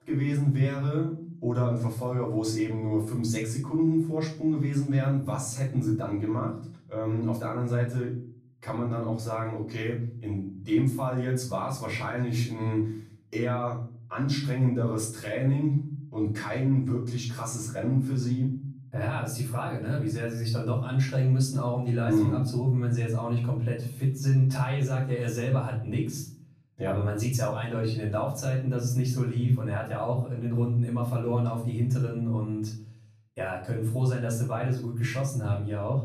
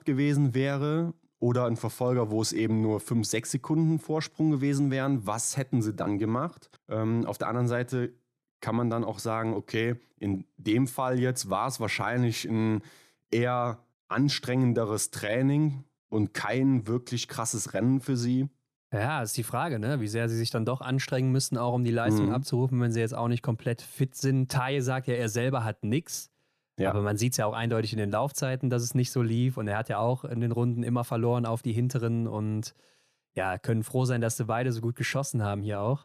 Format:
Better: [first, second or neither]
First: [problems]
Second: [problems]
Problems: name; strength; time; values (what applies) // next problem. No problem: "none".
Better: second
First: off-mic speech; far // room echo; slight; dies away in 0.6 s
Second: none